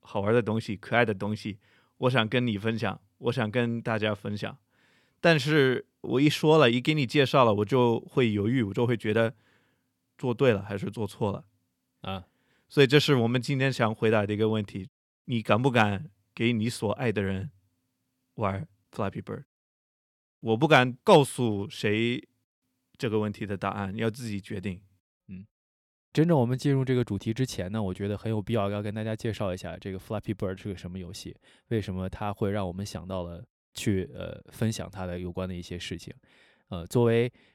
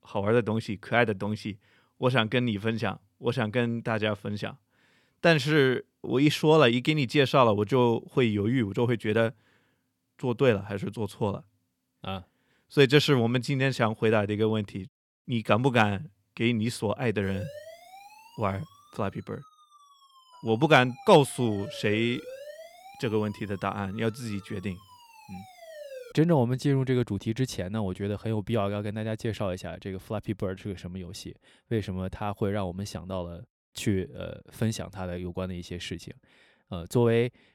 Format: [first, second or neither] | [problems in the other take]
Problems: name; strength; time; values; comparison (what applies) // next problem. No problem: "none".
first | siren; faint; from 17 to 26 s; peak 15 dB below the speech